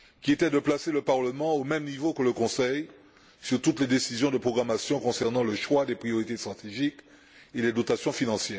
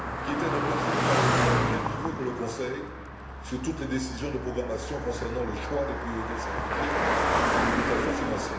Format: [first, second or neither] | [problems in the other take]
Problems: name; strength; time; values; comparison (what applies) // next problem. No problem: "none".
first | background sound (Car passing by); 5 dB above the speech // room echo; dies away in 0.8 s